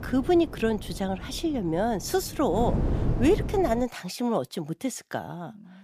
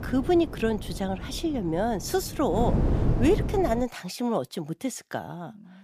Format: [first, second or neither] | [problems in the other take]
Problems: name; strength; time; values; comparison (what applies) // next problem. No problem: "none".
first | wind noise on the microphone; heavy; until 4 s; 10 dB below the speech; occasional gusts in the first